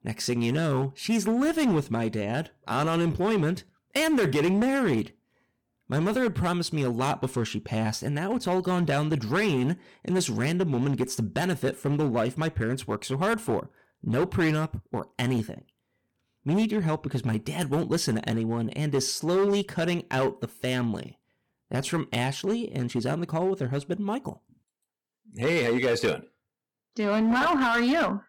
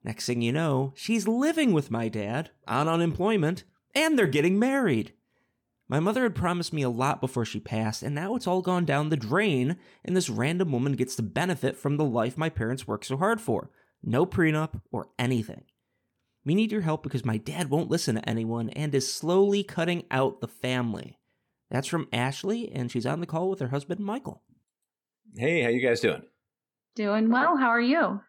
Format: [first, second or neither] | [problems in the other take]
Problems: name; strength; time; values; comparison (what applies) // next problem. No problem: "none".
second | distortion; slight; 8% of the sound clipped